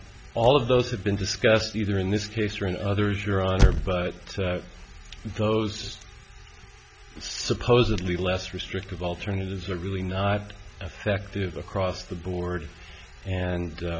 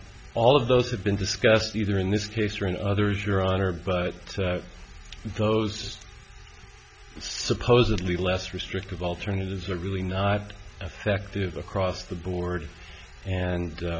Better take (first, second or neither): second